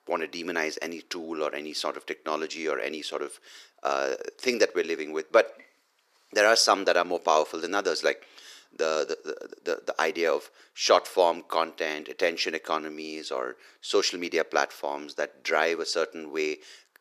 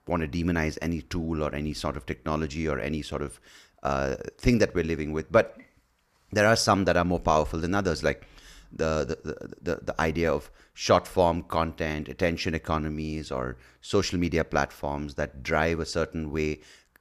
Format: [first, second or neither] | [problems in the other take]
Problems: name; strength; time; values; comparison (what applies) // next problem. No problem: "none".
second | thin; somewhat; fading below 350 Hz